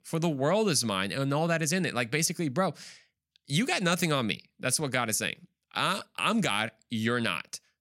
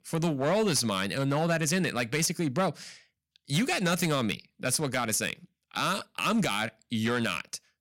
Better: first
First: none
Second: distortion; slight; 6% of the sound clipped

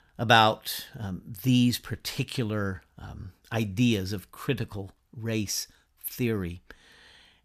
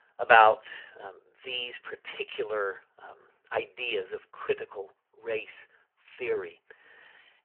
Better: first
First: none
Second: phone-call audio; poor line

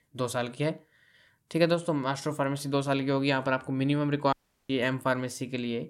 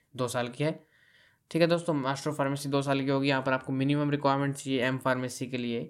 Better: second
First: audio cutting out; at 4.5 s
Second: none

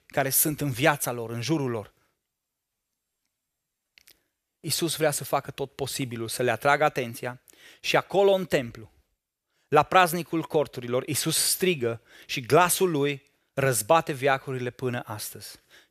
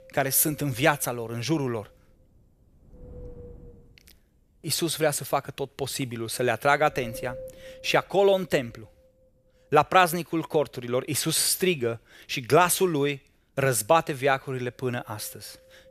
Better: first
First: none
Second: wind noise on the microphone; occasional gusts; 25 dB below the speech

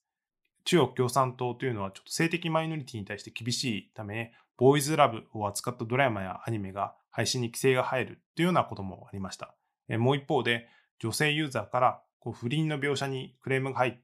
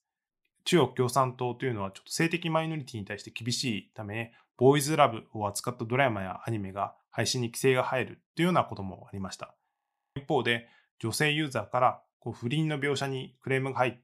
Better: first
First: none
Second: audio freezing; at 9.5 s

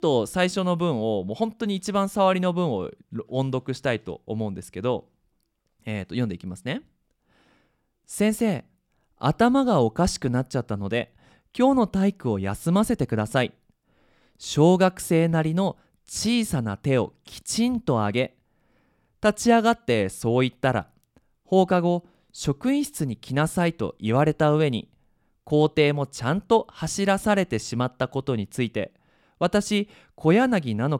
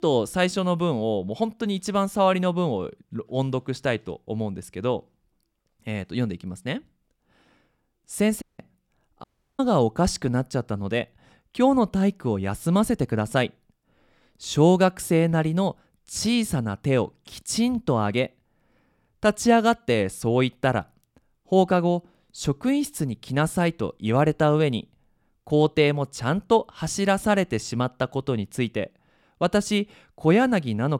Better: first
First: none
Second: audio cutting out; at 8.5 s and at 9 s

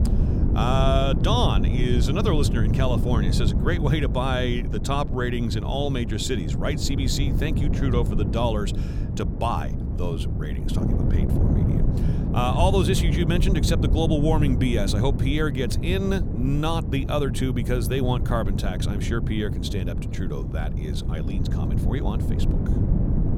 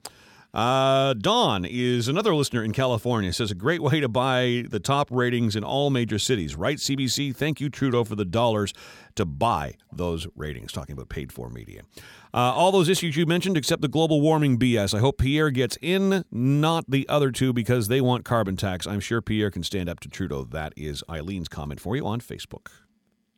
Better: second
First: wind noise on the microphone; heavy; 7 dB below the speech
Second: none

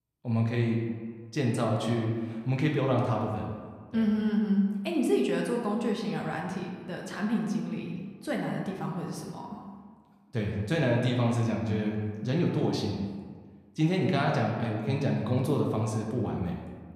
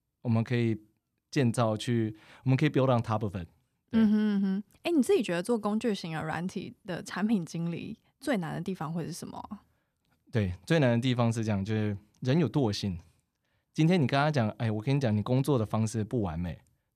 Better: second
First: room echo; noticeable; dies away in 1.3 s // off-mic speech; somewhat distant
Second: none

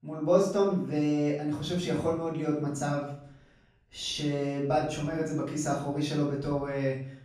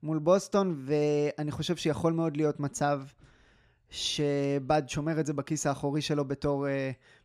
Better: second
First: off-mic speech; far // room echo; noticeable; dies away in 0.5 s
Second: none

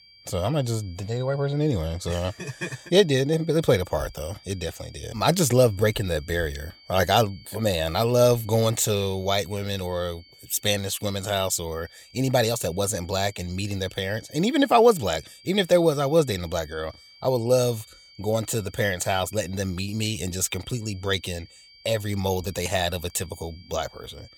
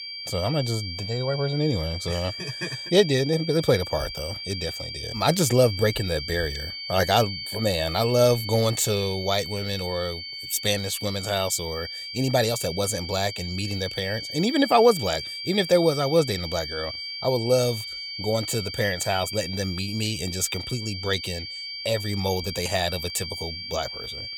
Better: first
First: high-pitched whine; faint; throughout; 4.5 kHz, 25 dB below the speech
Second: high-pitched whine; loud; throughout; 4.5 kHz, 7 dB below the speech

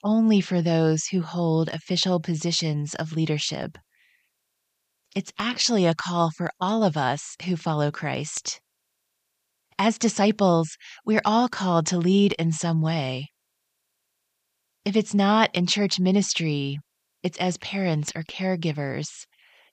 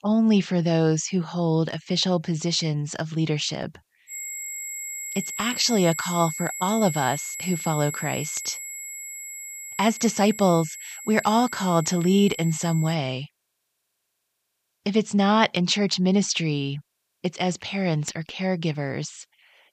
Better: first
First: none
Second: high-pitched whine; loud; from 4 to 13 s; 7.5 kHz, 9 dB below the speech

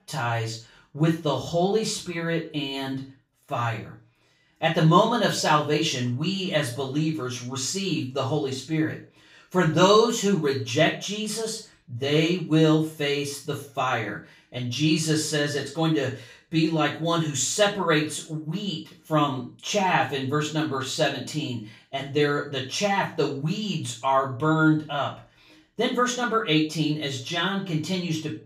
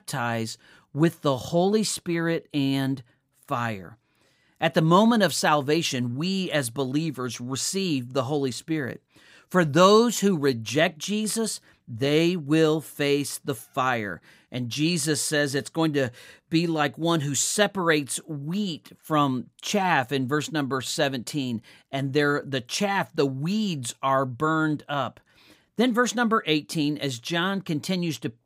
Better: second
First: room echo; slight; dies away in 0.3 s // off-mic speech; far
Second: none

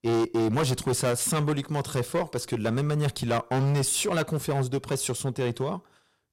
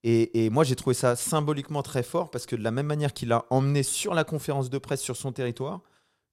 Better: second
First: distortion; heavy; 15% of the sound clipped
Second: none

